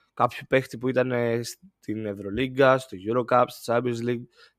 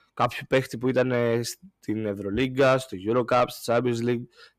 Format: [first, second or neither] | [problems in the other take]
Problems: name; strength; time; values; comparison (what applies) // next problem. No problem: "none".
first | distortion; slight; 10 dB below the speech